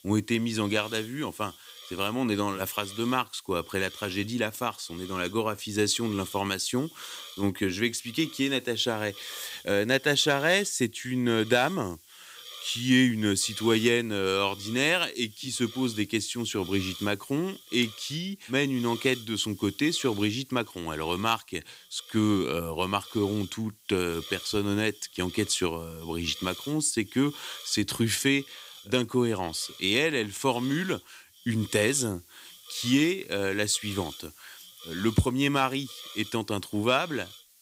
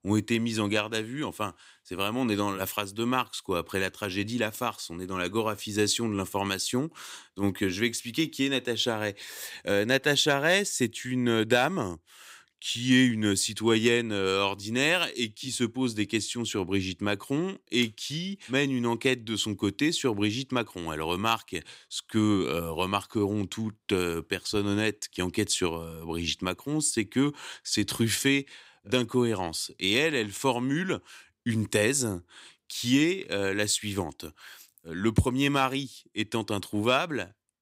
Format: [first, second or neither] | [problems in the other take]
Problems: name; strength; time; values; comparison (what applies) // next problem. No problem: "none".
second | hiss; noticeable; throughout; 15 dB below the speech